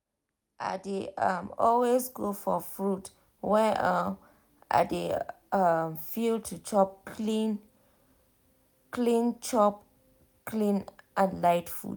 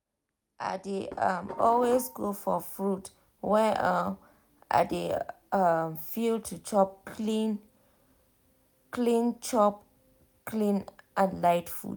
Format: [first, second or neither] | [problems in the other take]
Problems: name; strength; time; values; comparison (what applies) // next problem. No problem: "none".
first | background sound (Dishes, pots, and pans); 13 dB below the speech